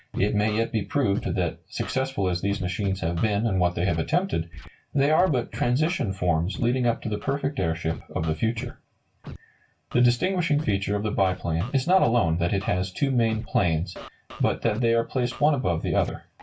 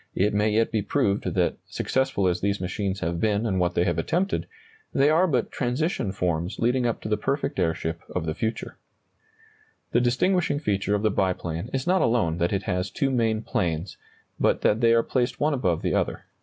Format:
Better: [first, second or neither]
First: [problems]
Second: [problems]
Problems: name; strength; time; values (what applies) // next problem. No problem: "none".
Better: second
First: background sound (Scratching (performance technique)); 18 dB below the speech // room echo; dies away in 0.2 s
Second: none